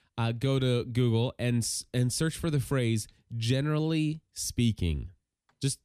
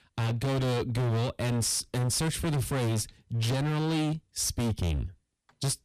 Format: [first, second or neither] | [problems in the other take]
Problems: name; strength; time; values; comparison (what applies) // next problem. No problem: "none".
first | distortion; heavy; 28% of the sound clipped